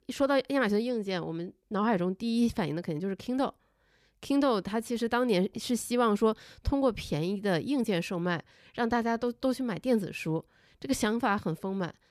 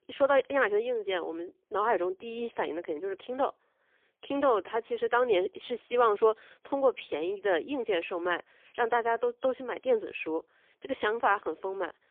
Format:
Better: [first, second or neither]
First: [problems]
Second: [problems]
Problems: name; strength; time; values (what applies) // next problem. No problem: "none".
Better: first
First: none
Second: phone-call audio; poor line; nothing above 3.5 kHz